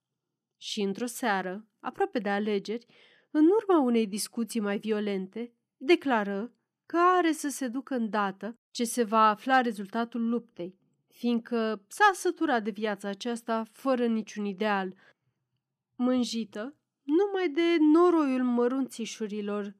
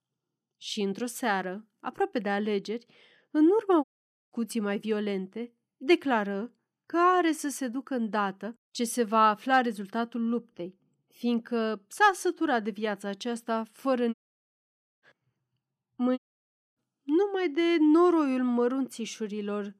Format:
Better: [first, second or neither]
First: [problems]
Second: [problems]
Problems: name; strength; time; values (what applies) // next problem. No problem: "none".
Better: first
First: none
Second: audio cutting out; at 4 s, at 14 s for 1 s and at 16 s for 0.5 s